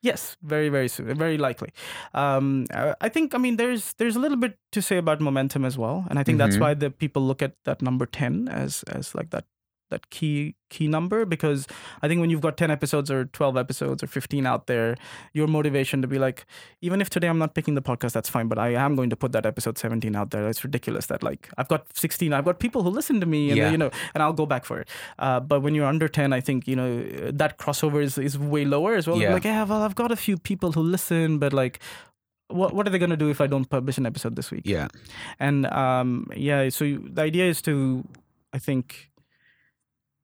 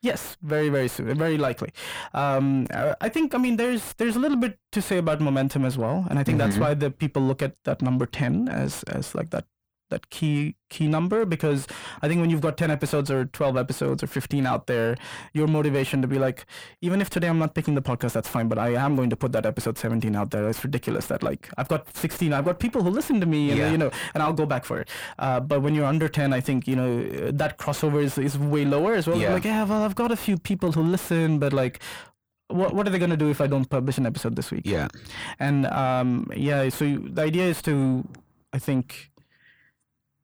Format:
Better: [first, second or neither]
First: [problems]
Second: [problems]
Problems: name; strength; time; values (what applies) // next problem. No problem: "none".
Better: first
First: none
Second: distortion; slight; 10 dB below the speech